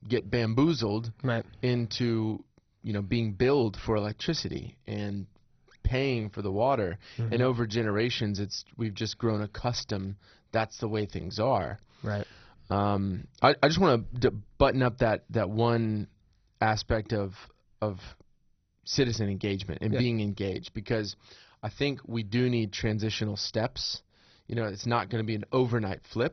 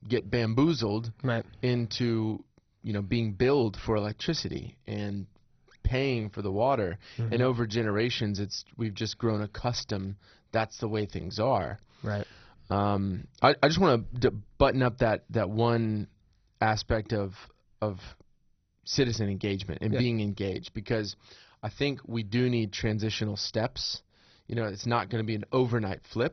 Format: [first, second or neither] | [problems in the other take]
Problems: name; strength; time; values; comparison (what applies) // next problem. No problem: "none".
neither | garbled, watery; badly; nothing above 6 kHz; the same in both